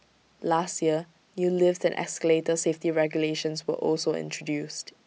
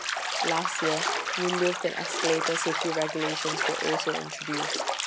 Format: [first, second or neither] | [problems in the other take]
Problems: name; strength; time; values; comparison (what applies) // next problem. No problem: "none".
first | background sound (Bathtub (filling or washing)); 1 dB above the speech